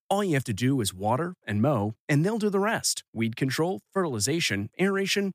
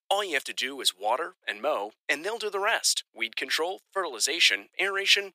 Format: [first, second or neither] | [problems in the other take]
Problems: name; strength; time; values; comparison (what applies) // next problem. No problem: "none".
first | thin; very; fading below 450 Hz